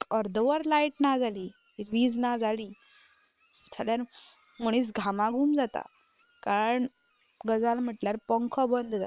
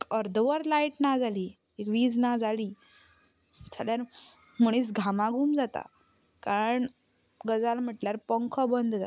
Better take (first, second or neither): second